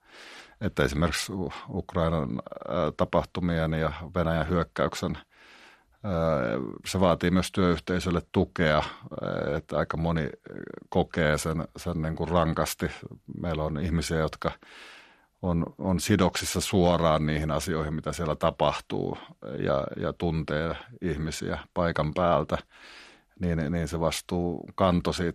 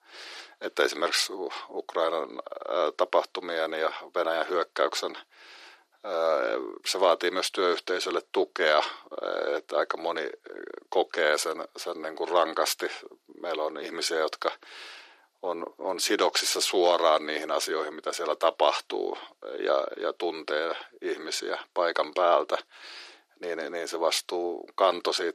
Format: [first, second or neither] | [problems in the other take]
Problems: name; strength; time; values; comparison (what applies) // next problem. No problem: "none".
first | thin; very; fading below 350 Hz